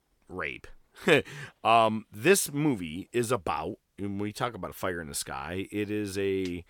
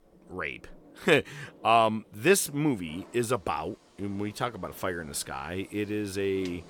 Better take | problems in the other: first | rain or running water; faint; throughout; 25 dB below the speech

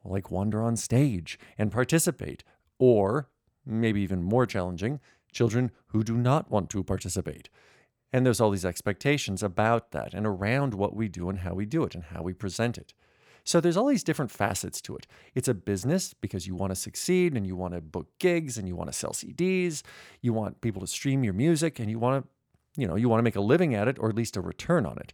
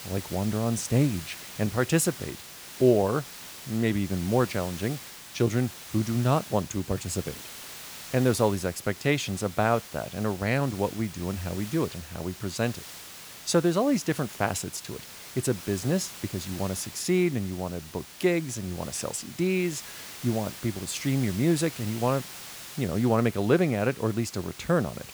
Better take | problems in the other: first | hiss; noticeable; throughout; 15 dB below the speech

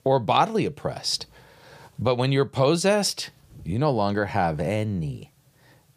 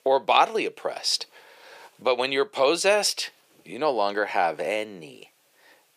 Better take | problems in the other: first | thin; very; fading below 350 Hz

